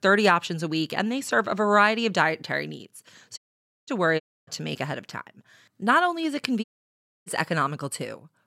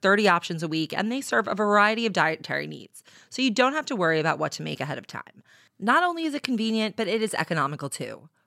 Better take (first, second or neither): second